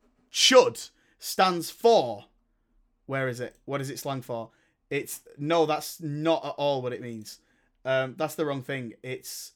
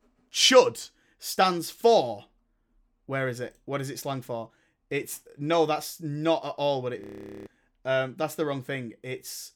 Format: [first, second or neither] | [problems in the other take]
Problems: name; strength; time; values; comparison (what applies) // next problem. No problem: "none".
first | audio freezing; at 7 s